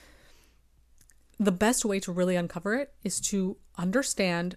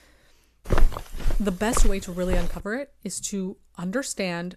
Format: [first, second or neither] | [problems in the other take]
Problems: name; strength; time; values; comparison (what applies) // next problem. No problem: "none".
first | footsteps; loud; from 0.5 to 2.5 s; peak 3 dB above the speech